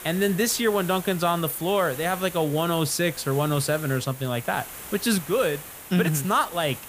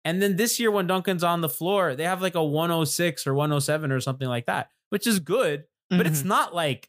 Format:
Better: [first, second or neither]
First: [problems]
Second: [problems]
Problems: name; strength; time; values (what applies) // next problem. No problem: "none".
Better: second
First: hiss; noticeable; throughout; 15 dB below the speech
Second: none